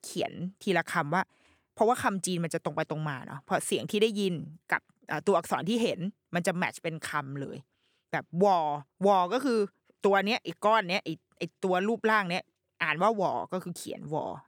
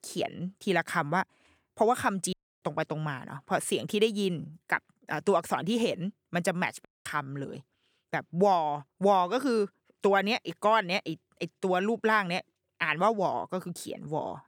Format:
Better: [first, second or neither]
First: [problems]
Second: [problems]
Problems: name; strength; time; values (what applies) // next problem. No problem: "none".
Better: first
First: none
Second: audio cutting out; at 2.5 s and at 7 s